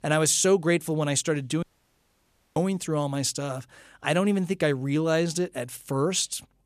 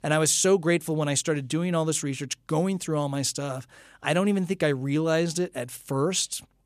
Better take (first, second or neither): second